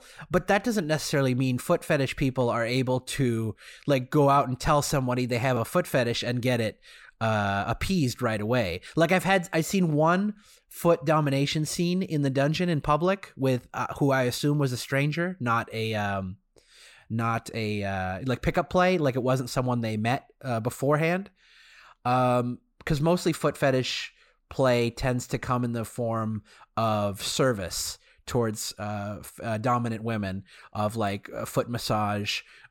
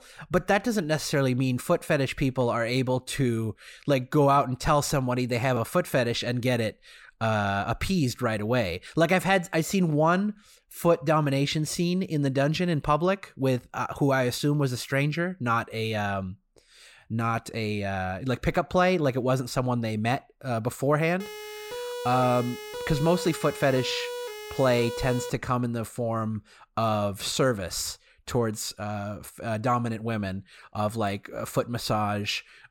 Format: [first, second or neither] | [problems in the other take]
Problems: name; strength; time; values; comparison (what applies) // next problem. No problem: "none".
first | siren; noticeable; from 21 to 25 s; peak 7 dB below the speech